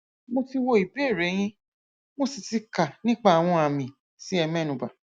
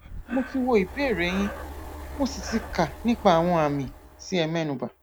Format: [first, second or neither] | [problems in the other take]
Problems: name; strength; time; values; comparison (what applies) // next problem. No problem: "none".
first | background sound (Breathing); 13 dB below the speech